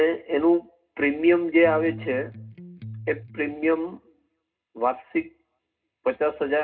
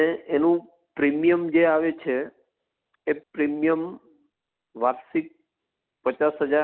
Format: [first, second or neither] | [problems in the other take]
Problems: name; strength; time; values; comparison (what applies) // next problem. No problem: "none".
second | background sound (Electric guitar); 14 dB below the speech // room echo; dies away in 0.2 s